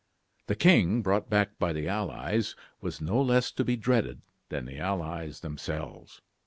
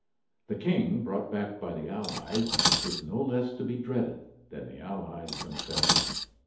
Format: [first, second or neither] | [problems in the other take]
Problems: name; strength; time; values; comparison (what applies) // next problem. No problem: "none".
first | background sound (Cutlery, silverware); 1 dB below the speech // room echo; dies away in 2.2 s